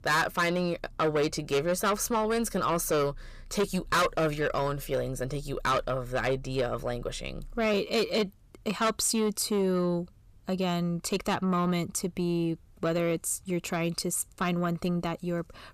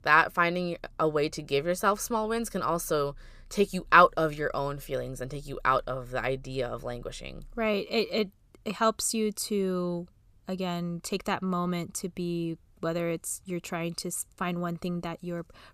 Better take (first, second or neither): second